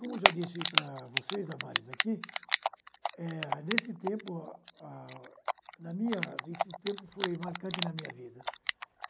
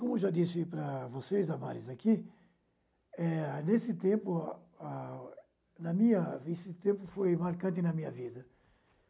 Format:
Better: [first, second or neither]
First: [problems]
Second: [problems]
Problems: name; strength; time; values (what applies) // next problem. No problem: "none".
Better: second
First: background sound (Typing); 3 dB above the speech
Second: none